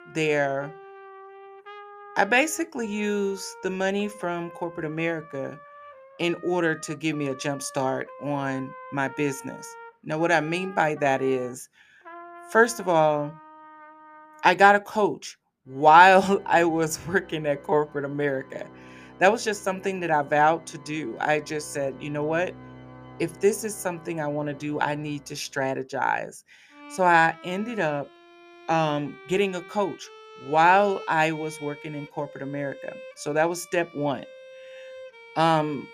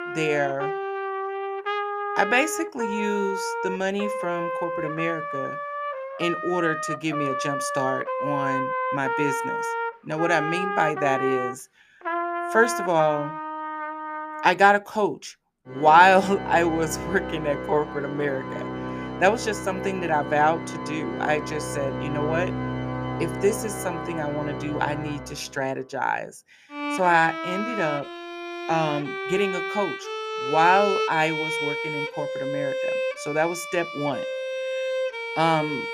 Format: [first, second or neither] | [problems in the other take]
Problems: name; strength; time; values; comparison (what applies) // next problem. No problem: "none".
first | background music; loud; throughout; 5 dB below the speech; faint in the first